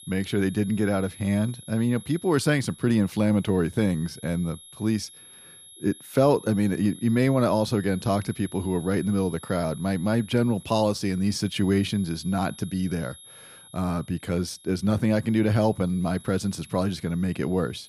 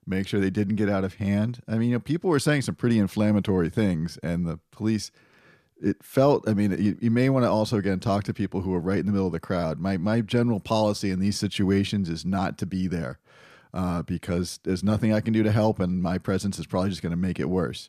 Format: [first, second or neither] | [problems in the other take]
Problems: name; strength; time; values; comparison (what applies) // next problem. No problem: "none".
second | high-pitched whine; noticeable; throughout; 11 kHz, 20 dB below the speech